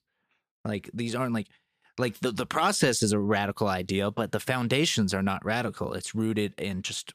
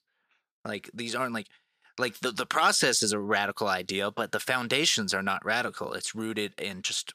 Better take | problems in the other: first | thin; somewhat; fading below 1 kHz

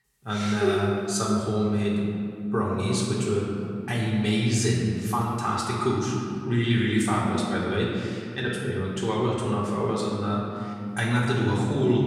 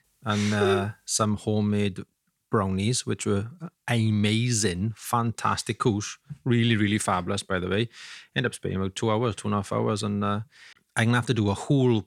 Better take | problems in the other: second | off-mic speech; far // room echo; noticeable; dies away in 2.2 s

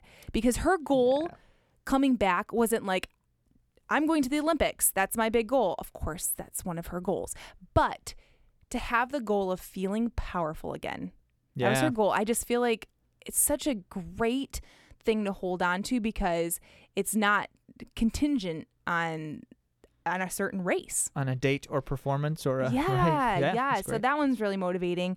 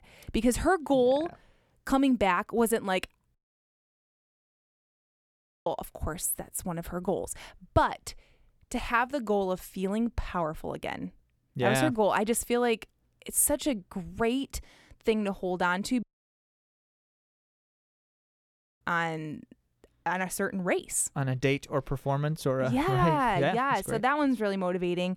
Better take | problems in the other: first | audio cutting out; at 3.5 s for 2.5 s and at 16 s for 3 s

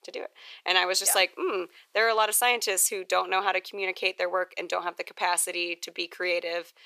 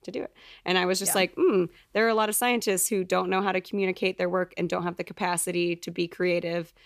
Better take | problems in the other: second | thin; very; fading below 500 Hz

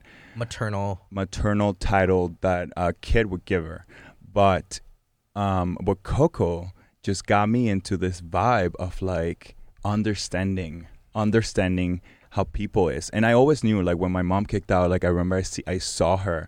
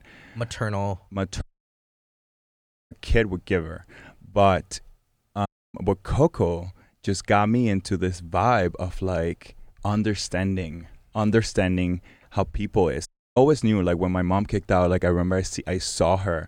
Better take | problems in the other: first | audio cutting out; at 1.5 s for 1.5 s, at 5.5 s and at 13 s

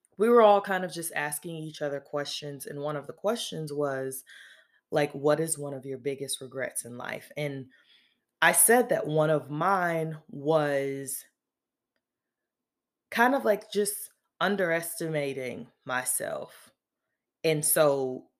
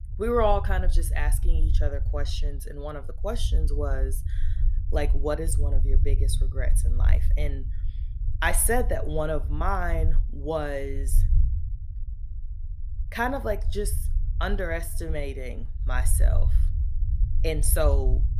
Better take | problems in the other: first | low rumble; noticeable; throughout; 20 dB below the speech

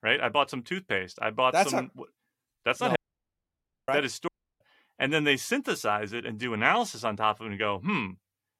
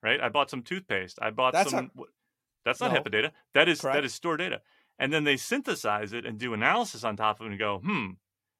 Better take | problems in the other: second | audio cutting out; at 3 s for 1 s and at 4.5 s

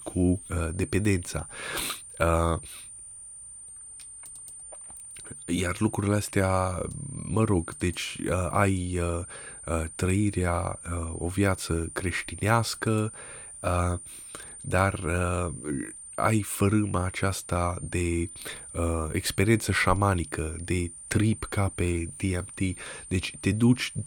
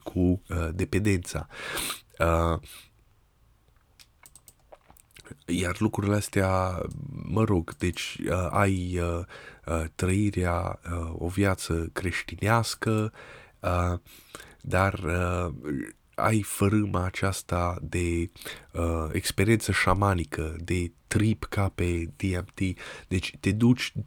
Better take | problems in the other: second | high-pitched whine; noticeable; throughout; 9 kHz, 15 dB below the speech

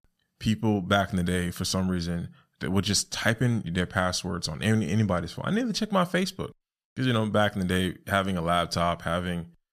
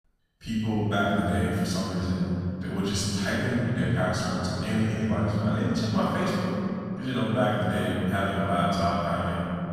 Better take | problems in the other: first | off-mic speech; far // room echo; strong; dies away in 3 s

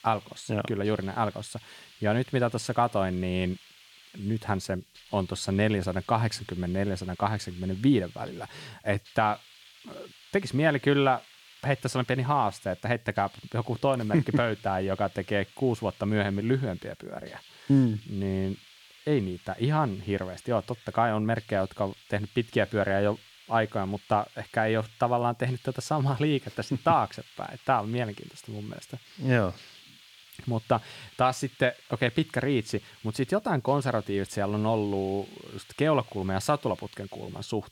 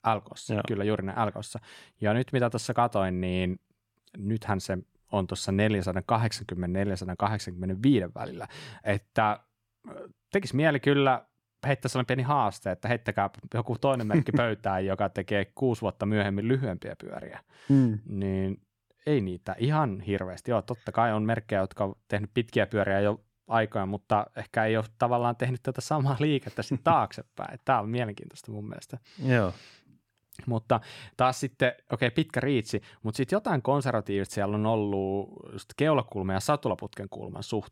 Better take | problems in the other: second | hiss; faint; throughout; 25 dB below the speech

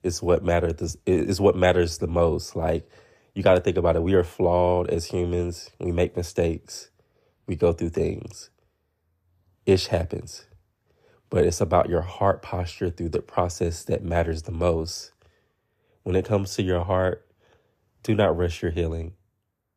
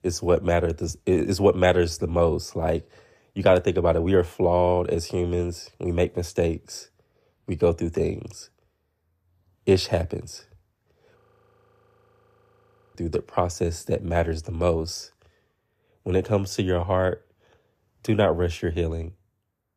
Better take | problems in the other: first | audio freezing; at 11 s for 2 s

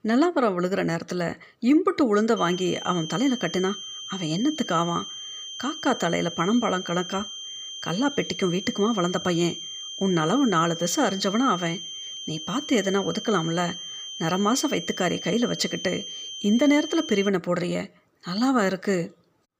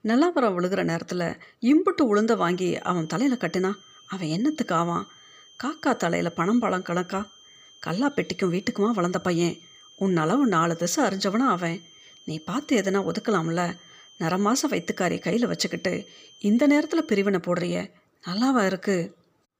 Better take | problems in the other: second | high-pitched whine; loud; from 2.5 to 17 s; 3 kHz, 9 dB below the speech; faint in the second

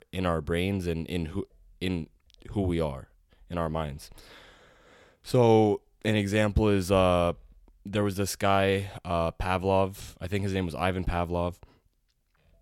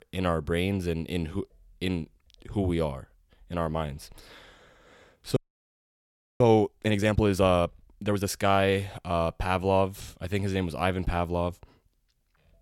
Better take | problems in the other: first | audio freezing; at 5.5 s for 1 s

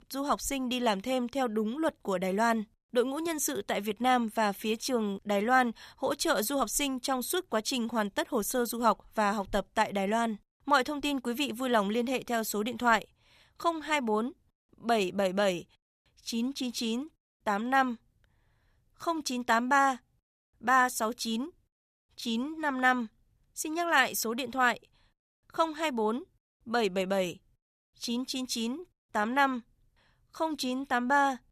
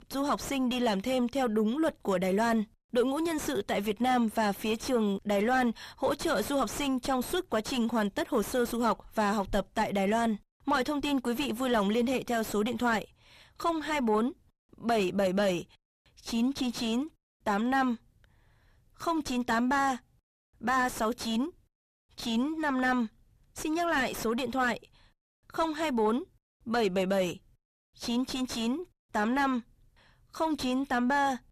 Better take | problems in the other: first | distortion; heavy; 6 dB below the speech

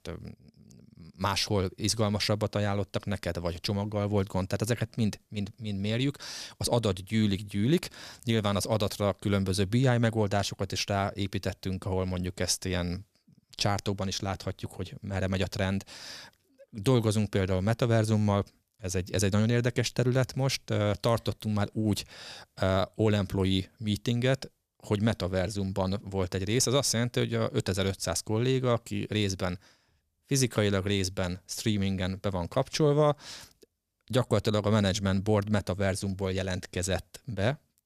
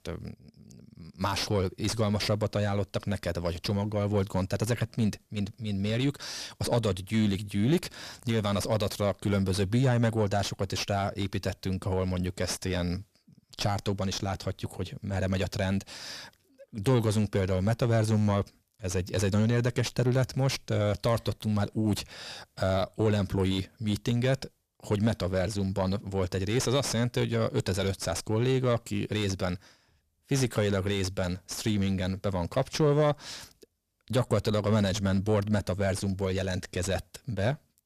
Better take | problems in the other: first | distortion; slight; 10 dB below the speech

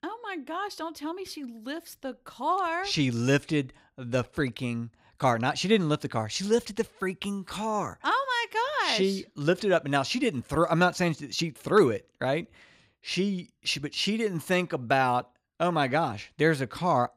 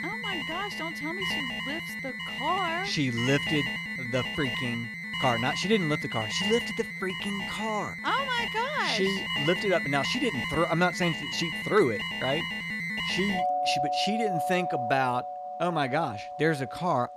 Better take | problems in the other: first | alarms or sirens; loud; throughout; 2 dB below the speech

